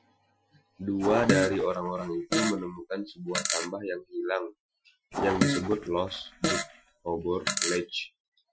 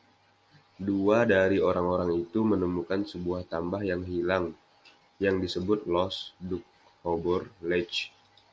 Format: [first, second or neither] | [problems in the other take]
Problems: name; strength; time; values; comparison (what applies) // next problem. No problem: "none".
second | noise reduction (classical method Wiener filter)